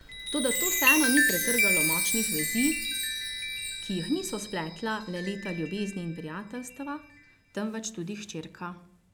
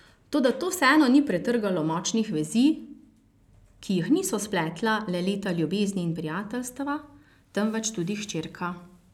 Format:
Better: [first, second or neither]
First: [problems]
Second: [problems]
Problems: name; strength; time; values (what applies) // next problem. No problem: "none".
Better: second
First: background sound (Chime); 2 dB above the speech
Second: none